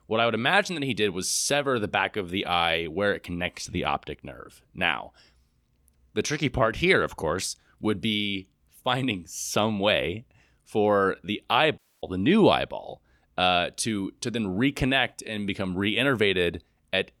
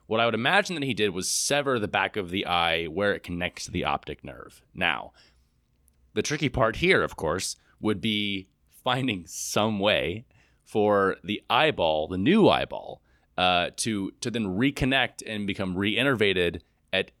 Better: second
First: audio cutting out; at 12 s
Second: none

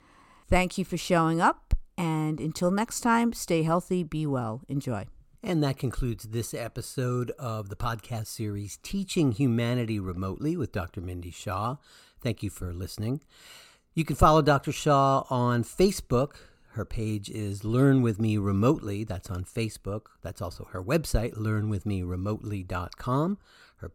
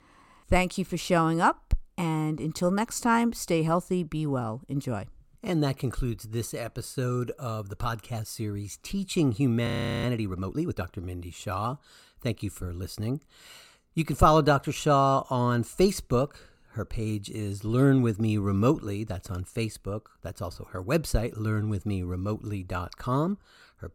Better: first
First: none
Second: audio freezing; at 9.5 s

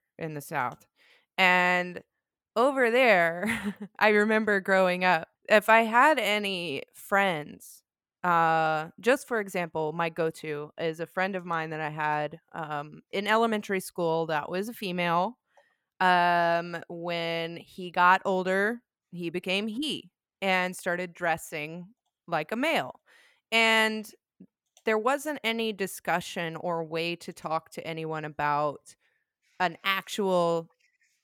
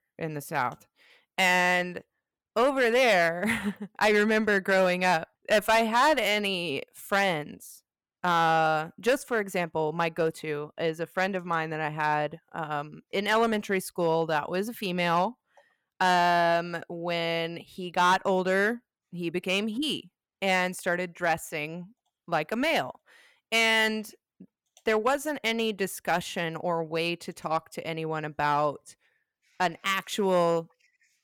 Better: first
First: none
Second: distortion; slight; 3% of the sound clipped

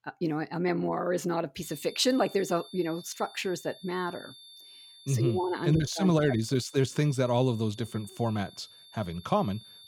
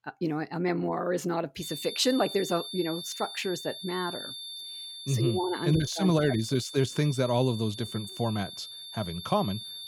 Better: first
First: high-pitched whine; faint; from 1.5 s on; 3.5 kHz, 20 dB below the speech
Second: high-pitched whine; loud; from 1.5 s on; 3.5 kHz, 9 dB below the speech

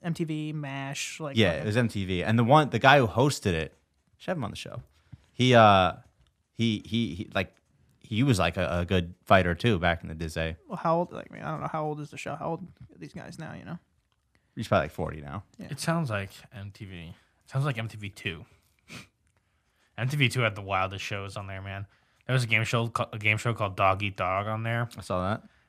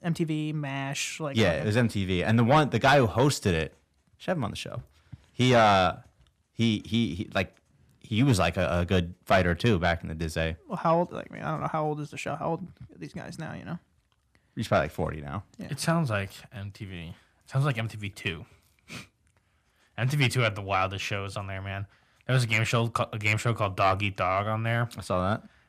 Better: first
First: none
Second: distortion; slight; 10 dB below the speech

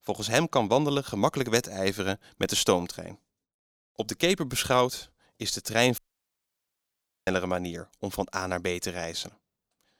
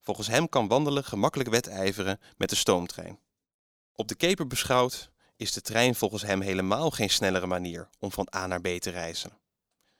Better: second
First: audio cutting out; at 6 s for 1.5 s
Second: none

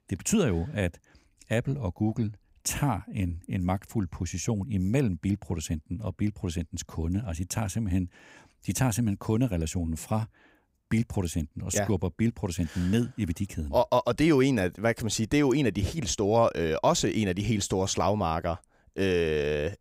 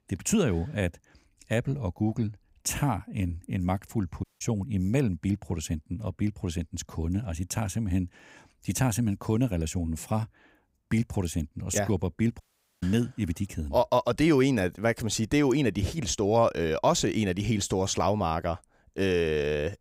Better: first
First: none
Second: audio cutting out; at 4 s and at 12 s

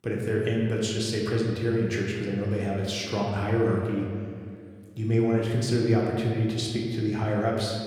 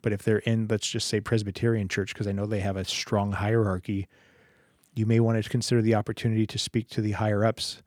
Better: second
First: room echo; noticeable; dies away in 1.8 s // off-mic speech; somewhat distant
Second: none

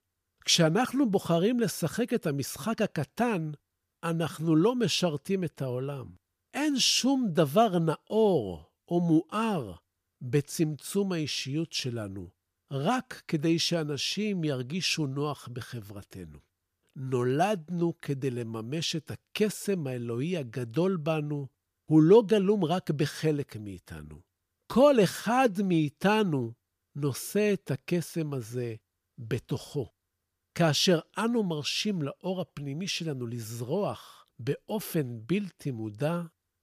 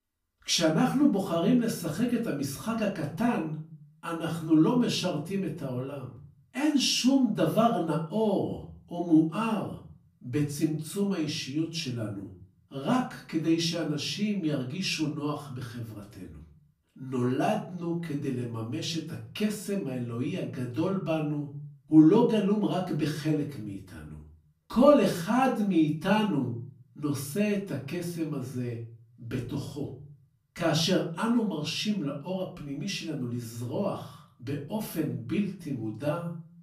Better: first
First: none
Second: off-mic speech; far // room echo; slight; dies away in 0.4 s

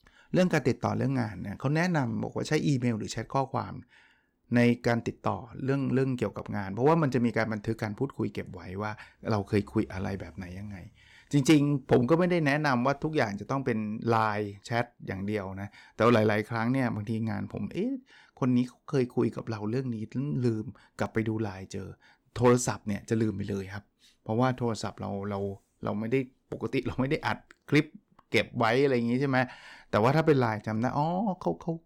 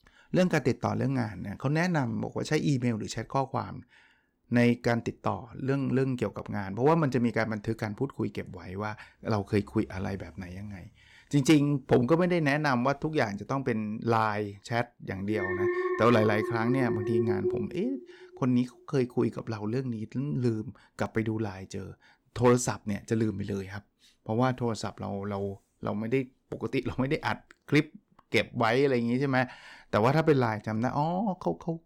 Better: first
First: none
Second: alarm; loud; from 15 to 19 s; peak level with the speech

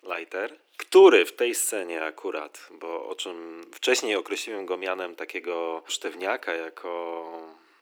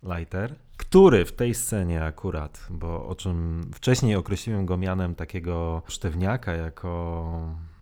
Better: second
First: thin; very; fading below 300 Hz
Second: none

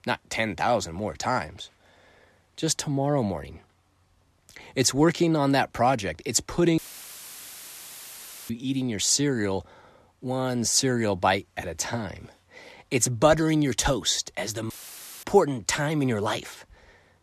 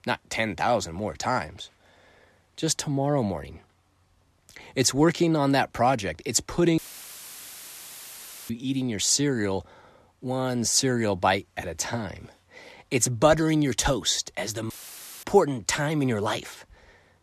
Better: neither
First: audio cutting out; filled with static; at 7 s for 1.5 s and at 15 s for 0.5 s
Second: audio cutting out; filled with static; at 7 s for 1.5 s and at 15 s for 0.5 s

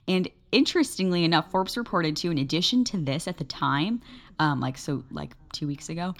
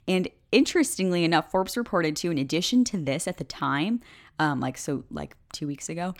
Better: second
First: room echo; slight; dies away in 3 s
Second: none

